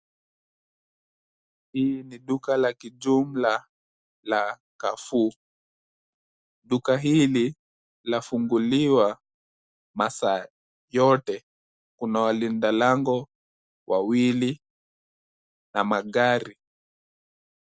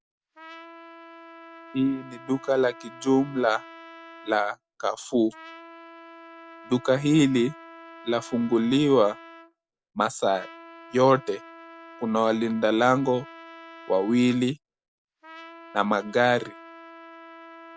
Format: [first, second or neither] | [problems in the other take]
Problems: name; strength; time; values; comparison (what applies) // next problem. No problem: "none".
first | background sound (Trumpet); 19 dB below the speech